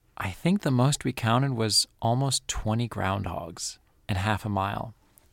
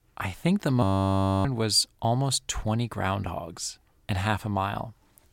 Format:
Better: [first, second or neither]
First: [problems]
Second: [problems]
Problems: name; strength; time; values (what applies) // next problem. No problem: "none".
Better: first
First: none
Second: audio freezing; at 1 s for 0.5 s